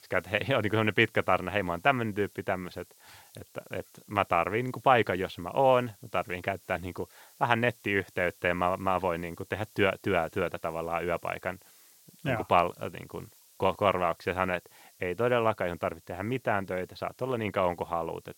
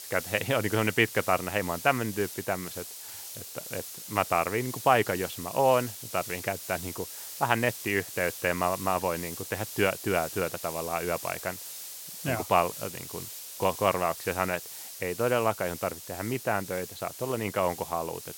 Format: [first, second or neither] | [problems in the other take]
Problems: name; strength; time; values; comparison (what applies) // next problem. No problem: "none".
first | hiss; loud; throughout; 9 dB below the speech; faint in the first